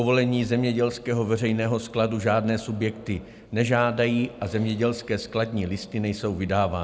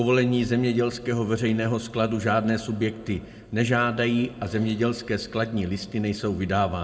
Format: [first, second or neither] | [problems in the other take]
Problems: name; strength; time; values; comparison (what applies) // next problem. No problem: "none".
first | room echo; dies away in 0.9 s